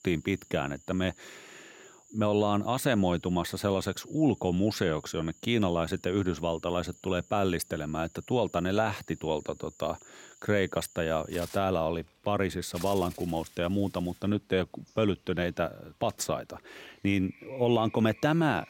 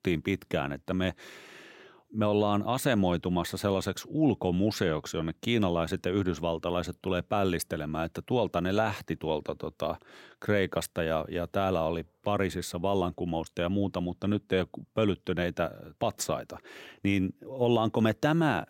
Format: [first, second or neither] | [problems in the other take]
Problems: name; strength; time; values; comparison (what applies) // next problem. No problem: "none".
second | animal sounds; faint; throughout; 25 dB below the speech